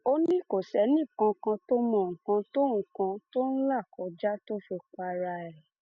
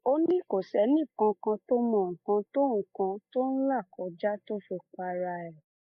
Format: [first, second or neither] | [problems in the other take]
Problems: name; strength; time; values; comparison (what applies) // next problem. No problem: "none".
first | noise reduction (neural mask model Resemble Enhance denoiser)